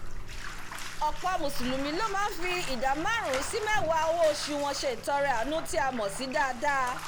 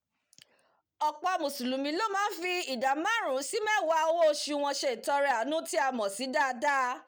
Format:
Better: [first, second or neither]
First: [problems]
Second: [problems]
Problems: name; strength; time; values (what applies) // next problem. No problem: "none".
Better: second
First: background sound (Bathtub (filling or washing)); 4 dB below the speech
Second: none